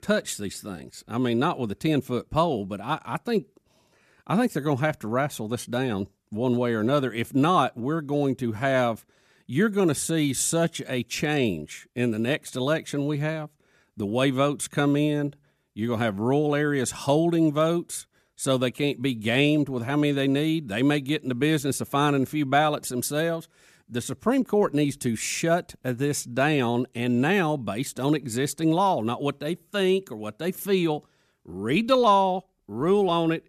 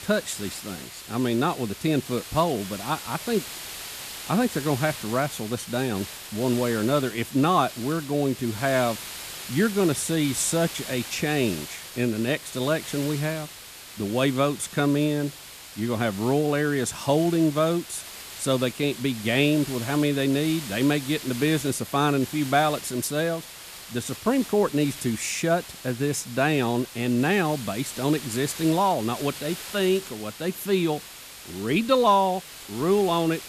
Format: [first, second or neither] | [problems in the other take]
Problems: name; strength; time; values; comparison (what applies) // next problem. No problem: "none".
first | hiss; noticeable; throughout; 10 dB below the speech